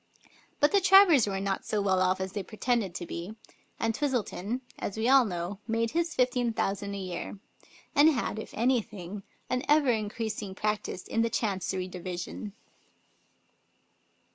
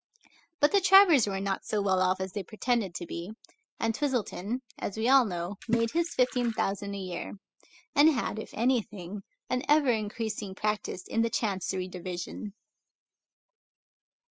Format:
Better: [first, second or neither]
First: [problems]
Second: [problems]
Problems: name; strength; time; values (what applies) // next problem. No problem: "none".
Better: first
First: none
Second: noise reduction (classical method spectral subtraction)